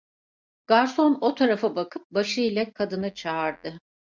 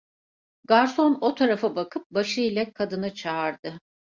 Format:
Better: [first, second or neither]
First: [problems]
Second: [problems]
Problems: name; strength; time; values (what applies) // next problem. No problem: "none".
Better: second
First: noise reduction (neural mask model DeepFilterNet 3)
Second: none